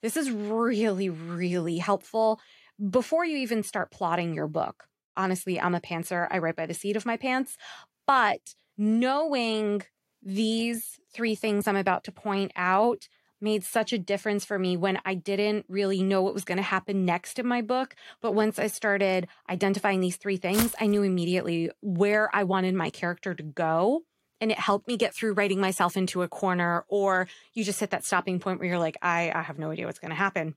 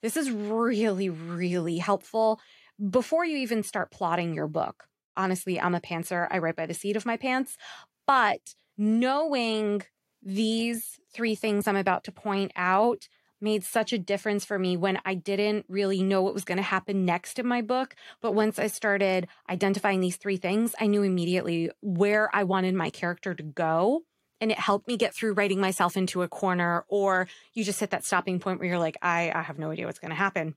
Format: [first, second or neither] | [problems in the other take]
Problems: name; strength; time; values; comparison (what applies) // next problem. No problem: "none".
second | footsteps; noticeable; at 21 s; peak 3 dB below the speech